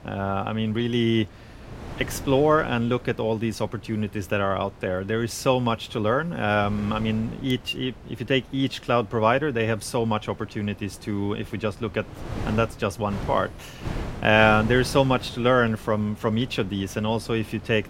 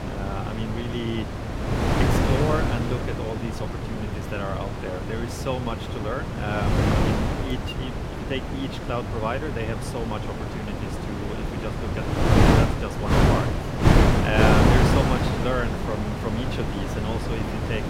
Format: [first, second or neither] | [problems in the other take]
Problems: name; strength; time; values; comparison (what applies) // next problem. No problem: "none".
first | wind noise on the microphone; heavy; 3 dB above the speech; occasional gusts in the first